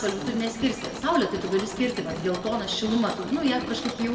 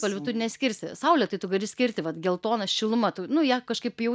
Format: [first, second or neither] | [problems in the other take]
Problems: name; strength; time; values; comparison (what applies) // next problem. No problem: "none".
second | background sound (Mechanisms); 10 dB below the speech // room echo; dies away in 1.6 s